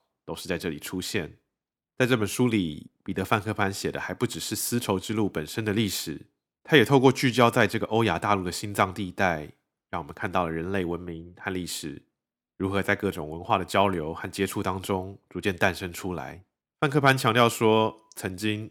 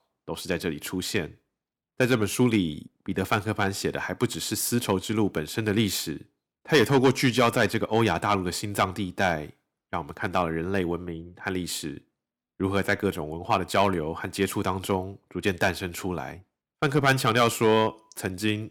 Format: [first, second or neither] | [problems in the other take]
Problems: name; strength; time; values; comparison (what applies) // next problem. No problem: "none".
first | distortion; slight; 1.2% of the sound clipped